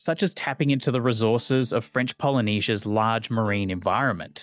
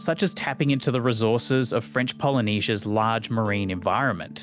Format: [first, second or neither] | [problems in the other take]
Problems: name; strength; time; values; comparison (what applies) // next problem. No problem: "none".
second | noise reduction (neural mask model DeepFilterNet 3)